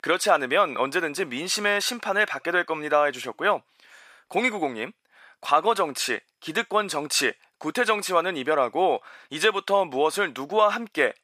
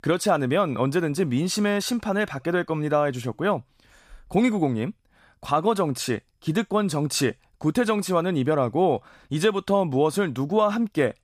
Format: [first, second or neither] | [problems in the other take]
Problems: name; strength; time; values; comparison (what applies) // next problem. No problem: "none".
second | thin; somewhat; fading below 450 Hz